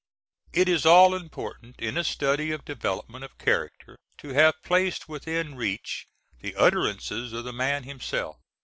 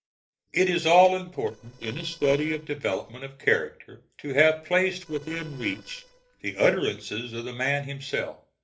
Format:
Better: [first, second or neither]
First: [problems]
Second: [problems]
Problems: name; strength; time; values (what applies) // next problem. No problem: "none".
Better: first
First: none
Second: noise reduction (neural separator model SepFormer DNS4)